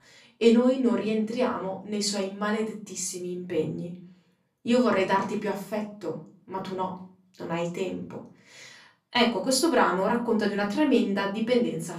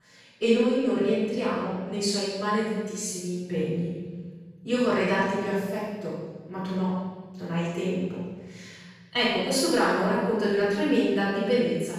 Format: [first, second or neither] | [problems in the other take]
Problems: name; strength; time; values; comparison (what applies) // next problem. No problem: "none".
first | room echo; strong; dies away in 1.5 s; slight in the first // off-mic speech; far; far in the first